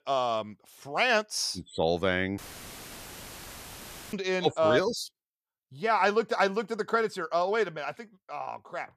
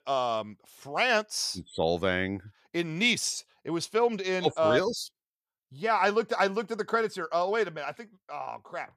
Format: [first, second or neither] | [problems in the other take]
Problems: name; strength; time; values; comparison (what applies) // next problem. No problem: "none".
second | audio cutting out; filled with static; at 2.5 s for 2 s